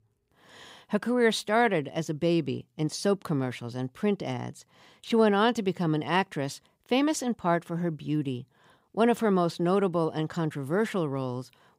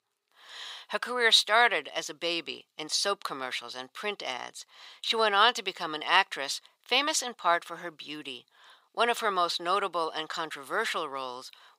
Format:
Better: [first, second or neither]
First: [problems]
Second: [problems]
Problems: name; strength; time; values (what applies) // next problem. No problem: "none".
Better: first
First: none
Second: thin; very; fading below 750 Hz